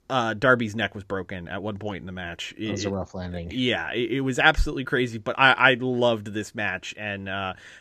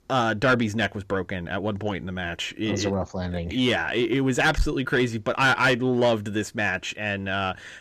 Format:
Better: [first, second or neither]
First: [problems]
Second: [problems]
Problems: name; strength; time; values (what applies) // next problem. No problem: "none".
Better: first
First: none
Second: distortion; heavy; 7 dB below the speech